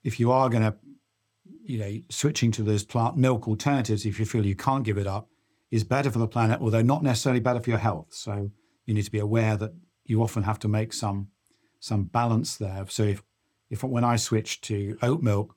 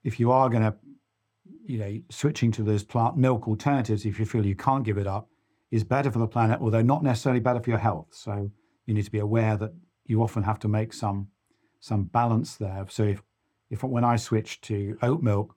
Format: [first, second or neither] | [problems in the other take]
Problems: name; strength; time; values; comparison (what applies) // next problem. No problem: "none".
first | muffled; slightly; fading above 3 kHz